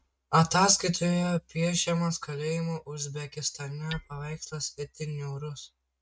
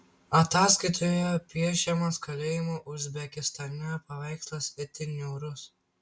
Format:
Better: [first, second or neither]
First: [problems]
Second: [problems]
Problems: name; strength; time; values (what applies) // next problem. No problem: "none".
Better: second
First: noise reduction (neural mask model RNNoise)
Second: none